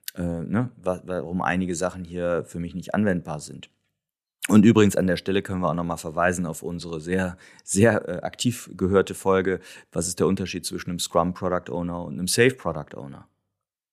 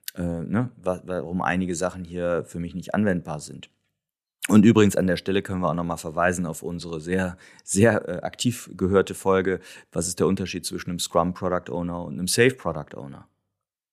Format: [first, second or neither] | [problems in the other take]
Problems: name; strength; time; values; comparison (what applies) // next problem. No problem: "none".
neither | none